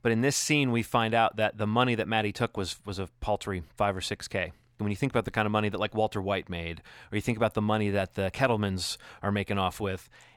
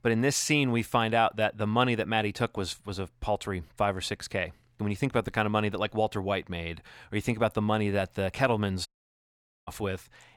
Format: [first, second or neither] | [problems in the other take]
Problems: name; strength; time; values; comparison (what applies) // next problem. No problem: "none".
first | audio cutting out; at 9 s for 1 s